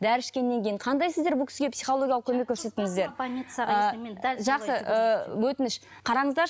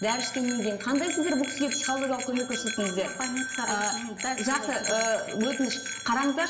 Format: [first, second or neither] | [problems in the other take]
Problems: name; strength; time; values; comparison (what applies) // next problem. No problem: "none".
first | background sound (Bell); 6 dB below the speech // room echo; dies away in 1.1 s